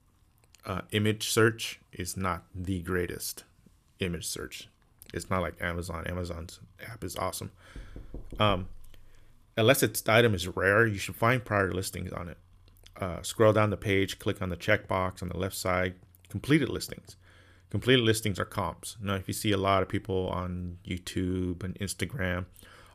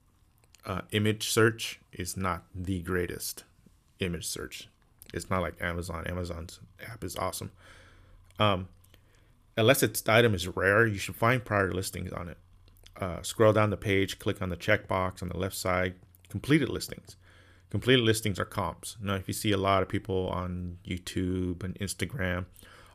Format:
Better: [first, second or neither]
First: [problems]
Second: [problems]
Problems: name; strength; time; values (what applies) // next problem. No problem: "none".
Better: second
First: door banging; faint; from 8 to 9.5 s; peak 15 dB below the speech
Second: none